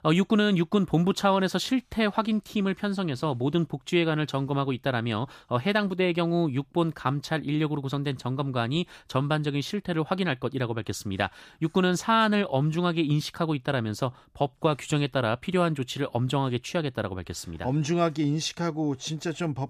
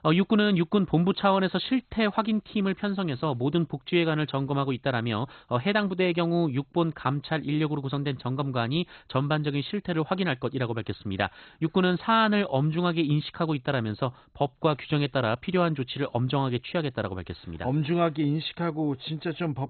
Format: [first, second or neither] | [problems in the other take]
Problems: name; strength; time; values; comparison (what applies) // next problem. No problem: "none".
first | garbled, watery; badly; nothing above 4 kHz